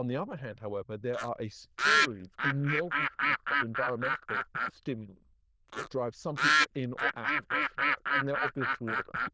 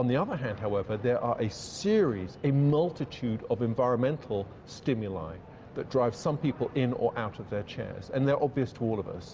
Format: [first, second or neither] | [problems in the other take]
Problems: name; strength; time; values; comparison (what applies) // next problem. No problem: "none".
second | noise reduction (neural diffusion model UNIVERSE++)